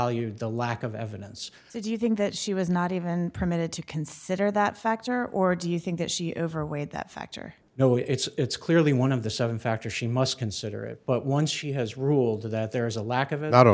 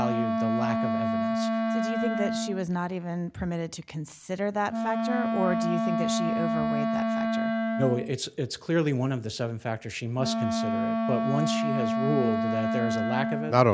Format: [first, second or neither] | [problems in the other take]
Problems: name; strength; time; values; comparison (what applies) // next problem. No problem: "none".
first | background sound (Wind instrument, woodwind instrument); 1 dB above the speech